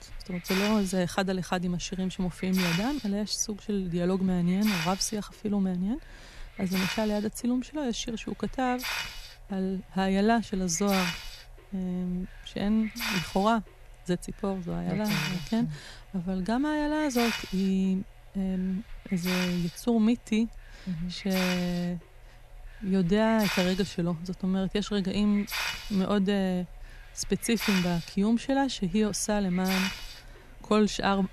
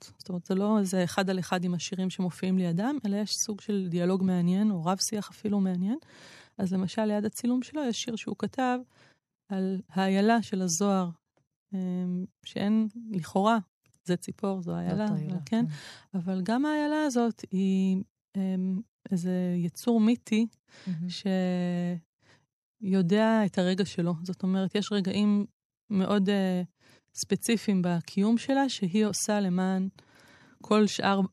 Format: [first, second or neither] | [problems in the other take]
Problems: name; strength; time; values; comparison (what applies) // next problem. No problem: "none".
second | hiss; loud; throughout; 6 dB below the speech